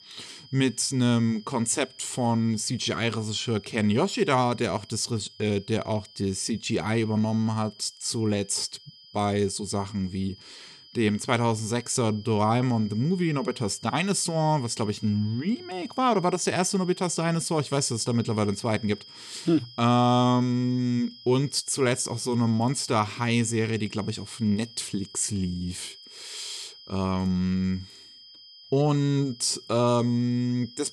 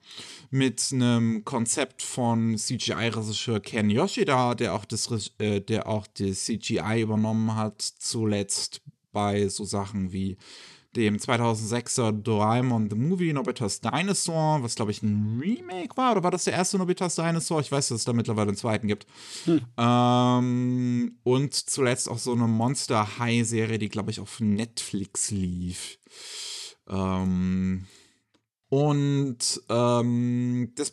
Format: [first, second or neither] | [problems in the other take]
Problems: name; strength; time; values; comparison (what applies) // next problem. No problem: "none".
second | high-pitched whine; noticeable; throughout; 5 kHz, 20 dB below the speech